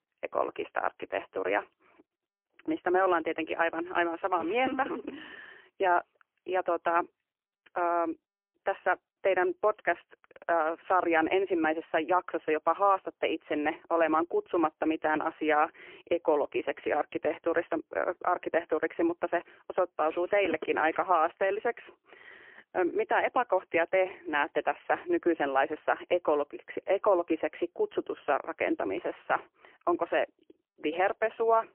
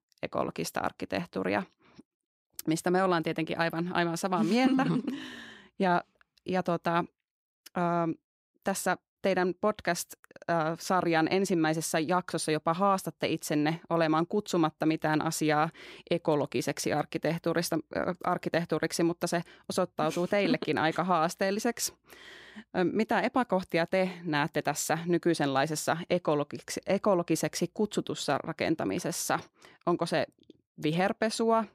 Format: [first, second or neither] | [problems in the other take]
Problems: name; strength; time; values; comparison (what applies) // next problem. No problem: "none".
second | phone-call audio; poor line; nothing above 3 kHz